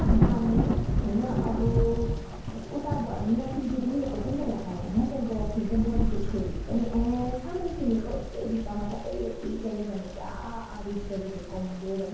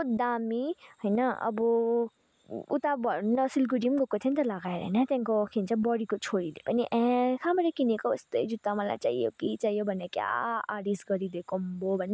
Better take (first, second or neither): second